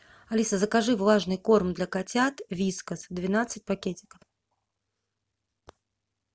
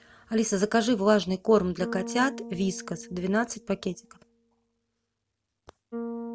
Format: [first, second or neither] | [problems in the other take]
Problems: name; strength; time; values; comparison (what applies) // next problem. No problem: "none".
first | background sound (Bass guitar); 13 dB below the speech